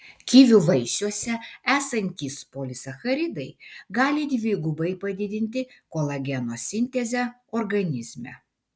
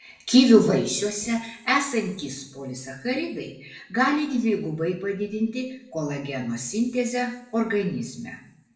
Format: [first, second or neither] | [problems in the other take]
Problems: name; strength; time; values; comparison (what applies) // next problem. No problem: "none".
first | room echo; dies away in 0.7 s